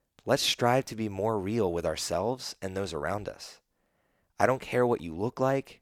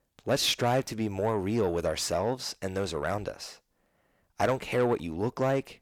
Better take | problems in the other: first | distortion; slight; 10 dB below the speech

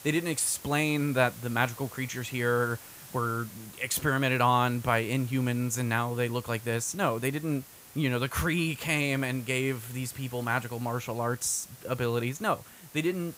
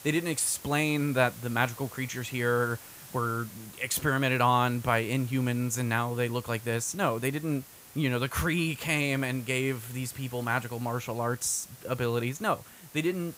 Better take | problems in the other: neither | hiss; noticeable; throughout; 20 dB below the speech; the same in both

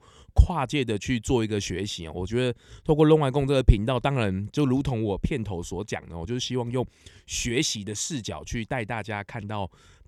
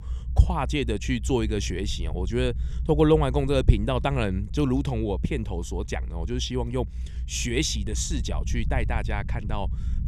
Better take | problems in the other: first | low rumble; faint; throughout; 20 dB below the speech

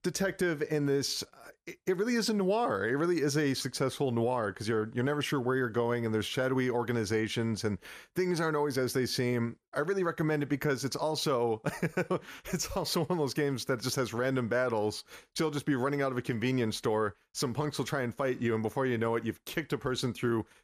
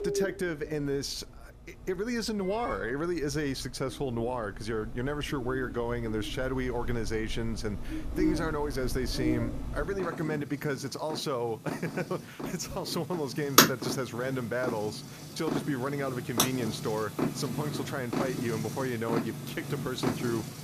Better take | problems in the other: first | animal sounds; loud; throughout; as loud as the speech

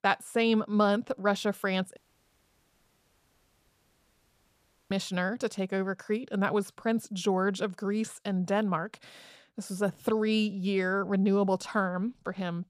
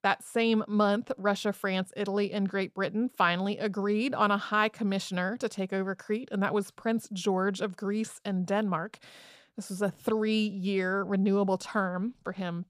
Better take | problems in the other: second | audio cutting out; at 2 s for 3 s

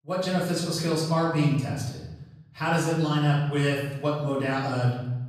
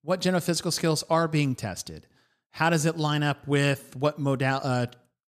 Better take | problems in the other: second | off-mic speech; far // room echo; noticeable; dies away in 1 s

